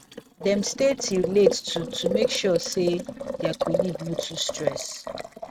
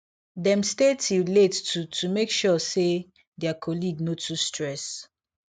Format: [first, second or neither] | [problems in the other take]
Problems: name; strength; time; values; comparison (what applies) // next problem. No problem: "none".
second | noise reduction (neural mask model RNNoise)